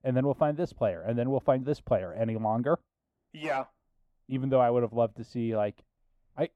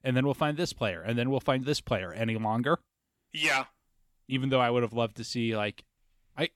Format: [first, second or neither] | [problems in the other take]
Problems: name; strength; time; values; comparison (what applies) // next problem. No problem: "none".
second | muffled; very; fading above 1.5 kHz